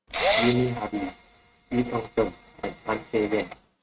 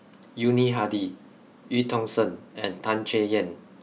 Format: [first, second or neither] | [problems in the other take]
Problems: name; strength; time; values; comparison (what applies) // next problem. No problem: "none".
second | noise reduction (neural mask model RNNoise)